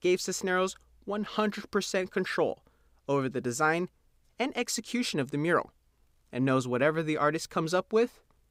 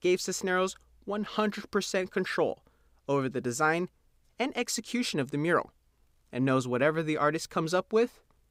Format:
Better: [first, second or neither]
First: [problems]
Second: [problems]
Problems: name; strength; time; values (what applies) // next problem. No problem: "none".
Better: neither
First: none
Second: none